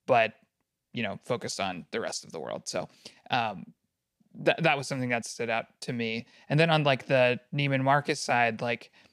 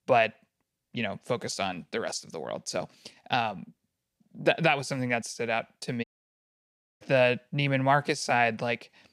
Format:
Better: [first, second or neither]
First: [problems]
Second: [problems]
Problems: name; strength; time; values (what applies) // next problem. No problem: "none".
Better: first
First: none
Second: audio cutting out; at 6 s for 1 s